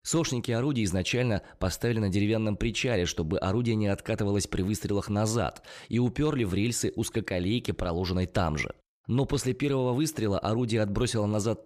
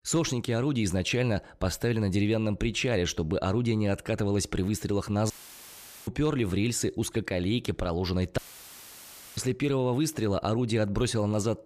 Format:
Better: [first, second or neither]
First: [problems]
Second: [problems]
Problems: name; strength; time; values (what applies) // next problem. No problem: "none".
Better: first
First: none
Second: audio cutting out; filled with static; at 5.5 s for 1 s and at 8.5 s for 1 s